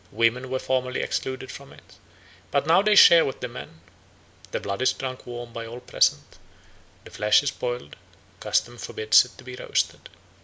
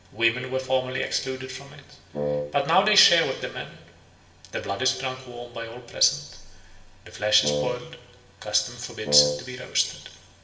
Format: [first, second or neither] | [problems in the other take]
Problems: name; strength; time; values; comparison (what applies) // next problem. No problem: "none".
first | background sound (Wind instrument, woodwind instrument); 2 dB below the speech // room echo; dies away in 1.1 s